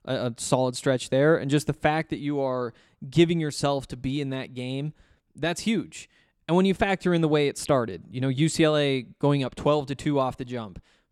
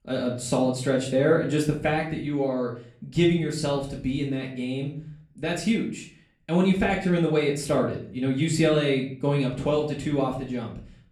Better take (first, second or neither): first